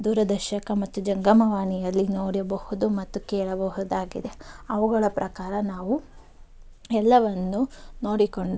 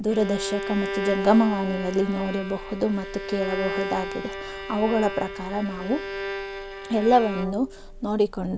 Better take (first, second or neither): first